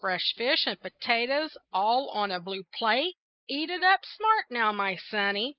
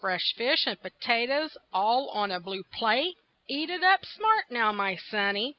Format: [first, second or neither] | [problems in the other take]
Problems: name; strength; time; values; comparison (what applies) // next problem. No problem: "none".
second | noise reduction (neural mask model Resemble Enhance denoiser)